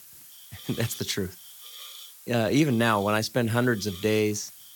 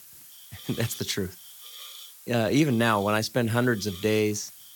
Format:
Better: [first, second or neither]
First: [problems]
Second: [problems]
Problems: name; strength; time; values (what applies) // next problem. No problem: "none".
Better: neither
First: hiss; noticeable; throughout; 15 dB below the speech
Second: hiss; noticeable; throughout; 15 dB below the speech